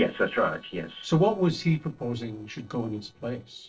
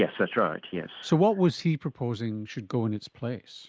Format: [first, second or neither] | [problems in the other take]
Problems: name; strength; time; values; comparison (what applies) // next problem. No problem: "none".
second | noise reduction (neural separator model SepFormer DNS4)